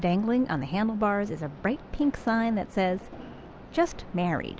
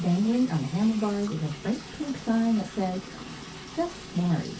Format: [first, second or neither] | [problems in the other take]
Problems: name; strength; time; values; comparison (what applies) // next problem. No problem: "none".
first | background sound (Liquid); 16 dB below the speech // room echo; dies away in 0.3 s